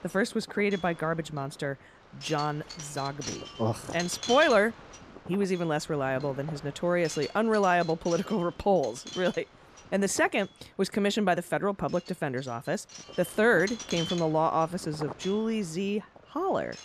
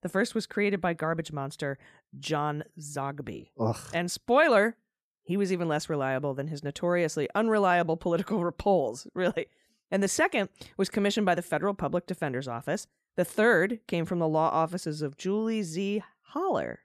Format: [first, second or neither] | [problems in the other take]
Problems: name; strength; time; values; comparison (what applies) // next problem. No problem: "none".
second | wind noise on the microphone; occasional gusts; 15 dB below the speech